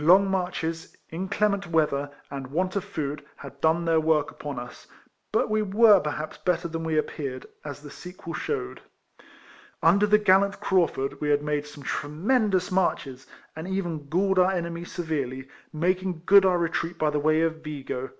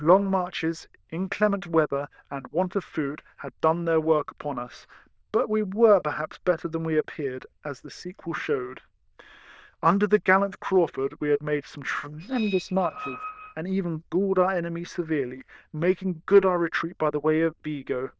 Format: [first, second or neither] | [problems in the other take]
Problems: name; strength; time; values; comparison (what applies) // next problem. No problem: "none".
first | noise reduction (neural diffusion model UNIVERSE++)